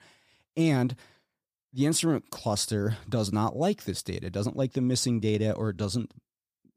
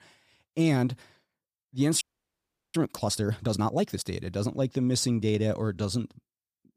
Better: first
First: none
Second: audio freezing; at 2 s for 0.5 s

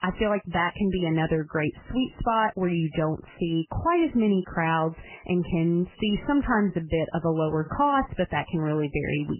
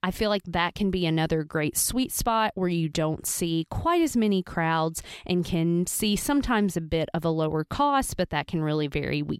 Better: second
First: garbled, watery; badly; nothing above 3 kHz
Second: none

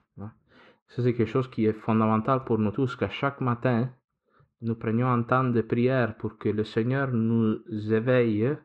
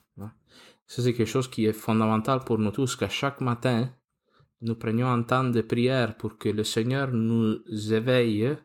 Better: second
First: muffled; very; fading above 2 kHz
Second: none

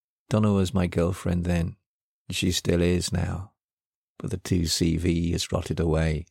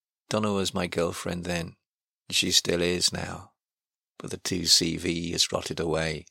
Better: first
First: none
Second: thin; somewhat; fading below 1 kHz

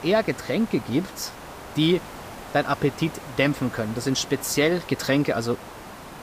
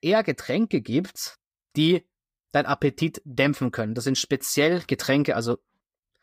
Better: second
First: hiss; noticeable; throughout; 15 dB below the speech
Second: none

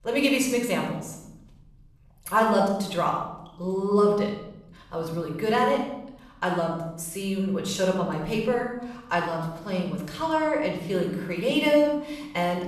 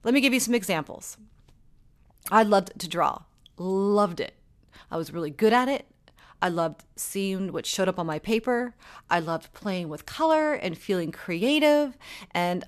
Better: second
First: off-mic speech; far // room echo; noticeable; dies away in 0.9 s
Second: none

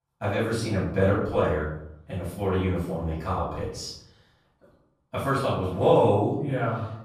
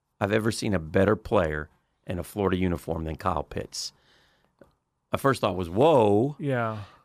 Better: second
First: off-mic speech; far // room echo; noticeable; dies away in 0.7 s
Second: none

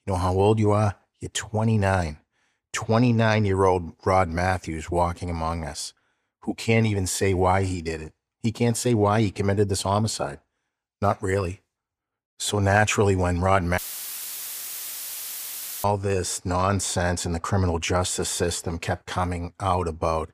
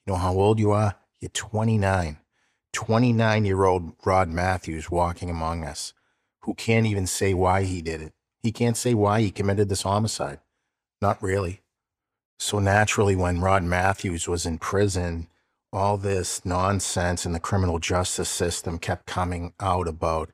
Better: second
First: audio cutting out; filled with static; at 14 s for 2 s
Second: none

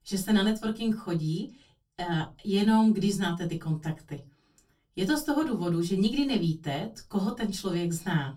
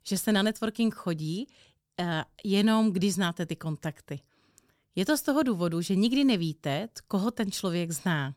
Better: second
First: off-mic speech; far // room echo; very slight; dies away in 0.2 s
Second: none

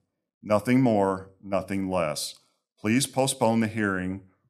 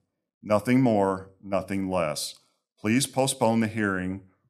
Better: neither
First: none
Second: none

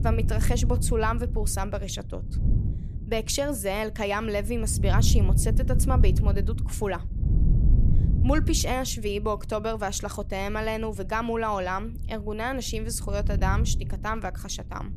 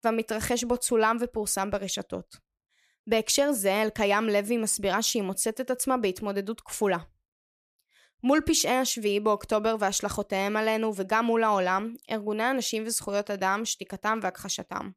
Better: second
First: wind noise on the microphone; occasional gusts; 10 dB below the speech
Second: none

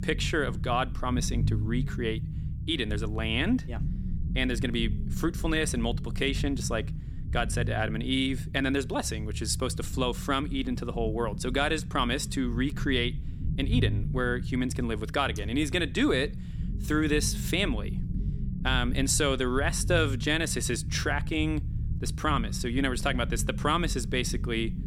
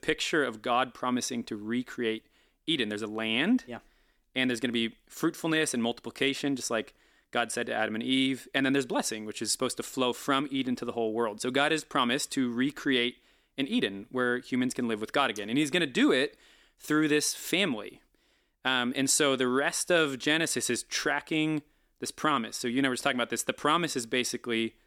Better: second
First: low rumble; noticeable; throughout; 15 dB below the speech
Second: none

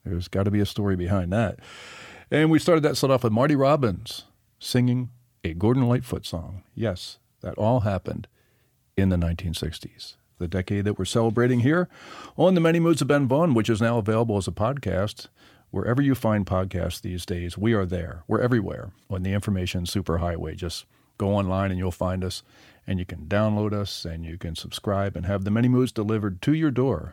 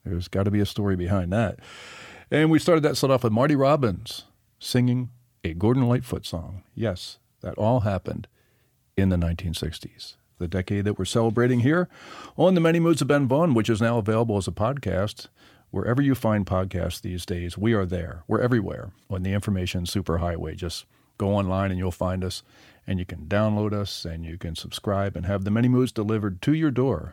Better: neither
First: none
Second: none

